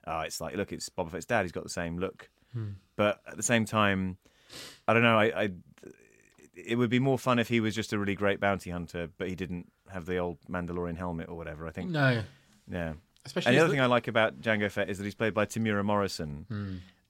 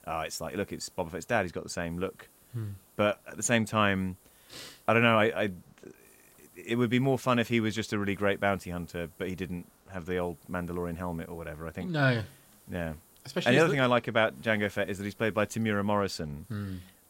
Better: first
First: none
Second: hiss; faint; throughout; 30 dB below the speech

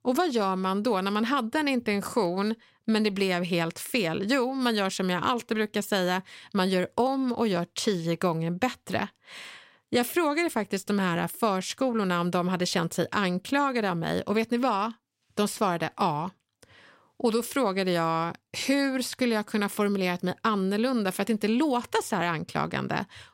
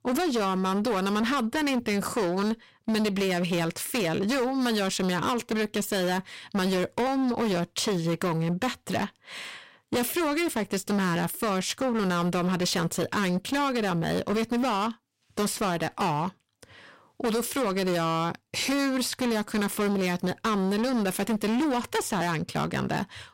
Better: first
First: none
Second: distortion; heavy; 21% of the sound clipped

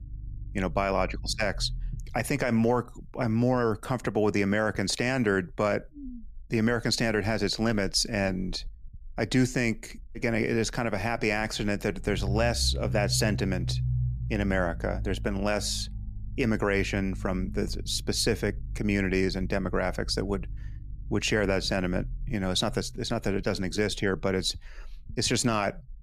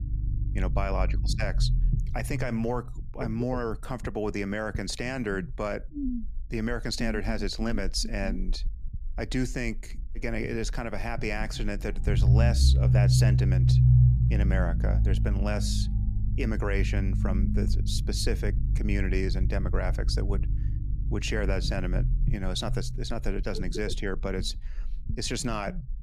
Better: first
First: low rumble; faint; throughout; 20 dB below the speech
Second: low rumble; loud; throughout; 7 dB below the speech

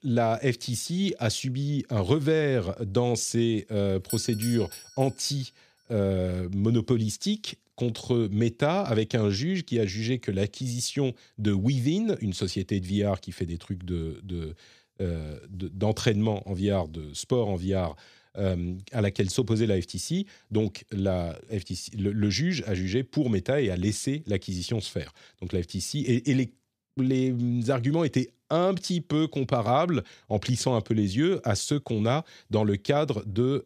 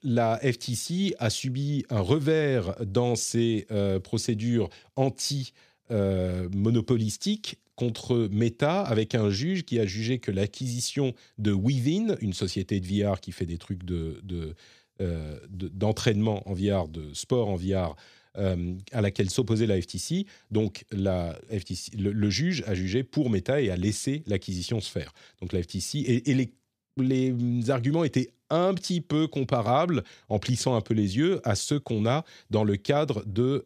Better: second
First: doorbell; noticeable; at 4 s; peak 7 dB below the speech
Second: none

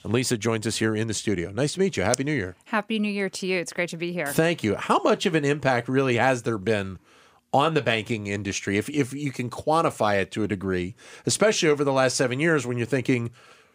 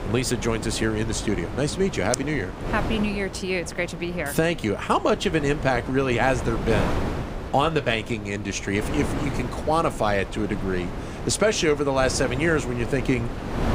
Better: first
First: none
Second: wind noise on the microphone; heavy; 10 dB below the speech

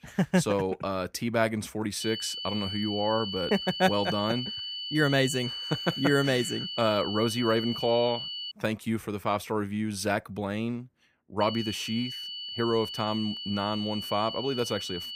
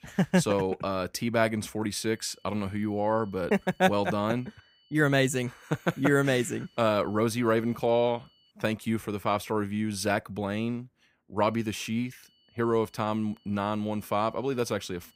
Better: second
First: high-pitched whine; loud; from 2 to 8.5 s and from 11 s on; 3 kHz, 5 dB below the speech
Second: high-pitched whine; faint; from 2 to 8.5 s and from 11 s on; 3 kHz, 35 dB below the speech

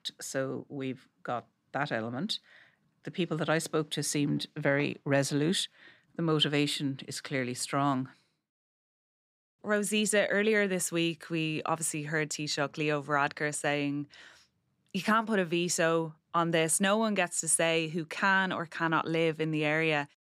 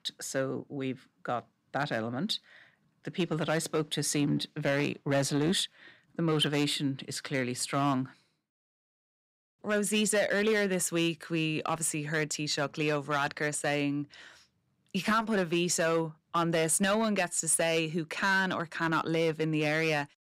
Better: first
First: none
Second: distortion; slight; 4% of the sound clipped

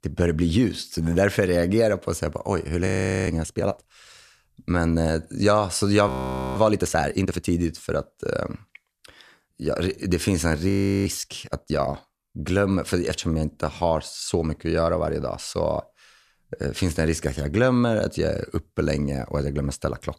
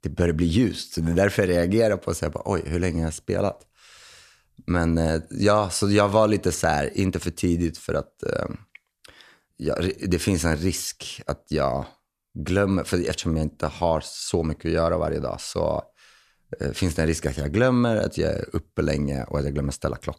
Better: second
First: audio freezing; at 3 s, at 6 s and at 11 s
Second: none

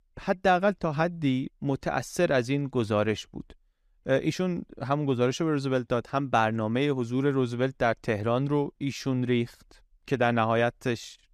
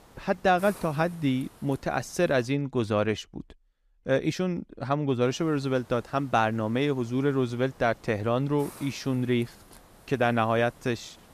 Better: first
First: none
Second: hiss; faint; until 2.5 s and from 5.5 s on; 25 dB below the speech

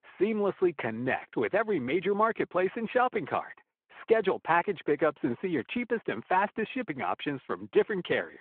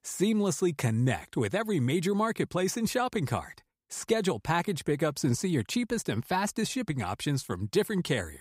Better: second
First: phone-call audio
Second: none

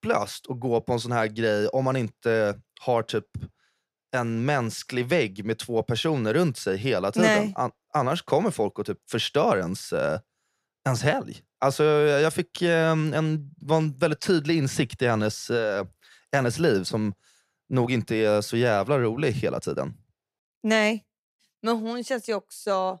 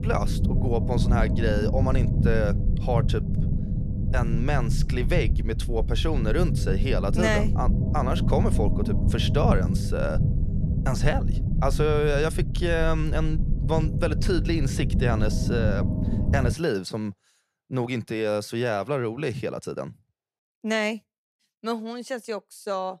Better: first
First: none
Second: low rumble; loud; until 17 s; 8 dB below the speech

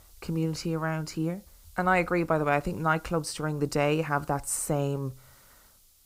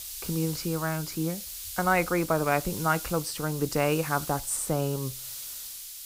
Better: first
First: hiss; faint; throughout; 30 dB below the speech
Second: hiss; loud; throughout; 8 dB below the speech

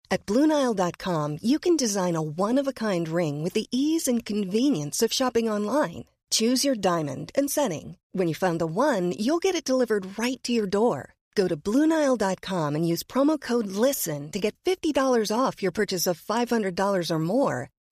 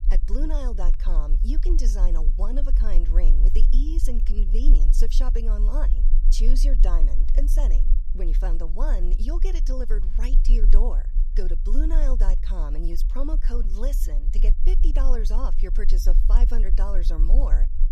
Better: first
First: none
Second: low rumble; noticeable; throughout; 10 dB below the speech

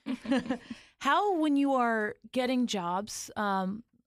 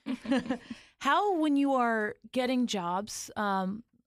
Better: neither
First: none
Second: none

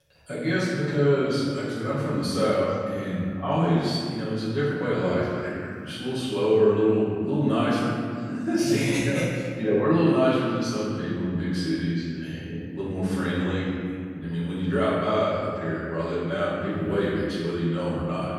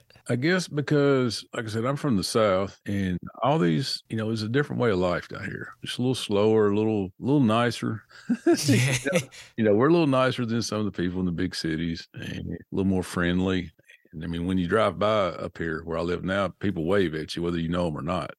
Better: second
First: room echo; strong; dies away in 2 s // off-mic speech; far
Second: none

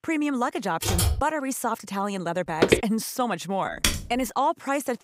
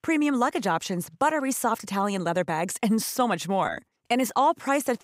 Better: second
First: keyboard typing; loud; at 1 s and at 4 s; peak 3 dB above the speech // footsteps; loud; at 2.5 s; peak 5 dB above the speech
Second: none

